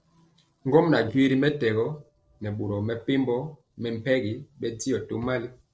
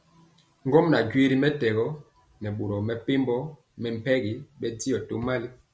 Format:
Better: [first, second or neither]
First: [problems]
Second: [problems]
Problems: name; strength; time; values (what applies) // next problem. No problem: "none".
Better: second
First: noise reduction (neural separator model SepFormer DNS4)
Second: none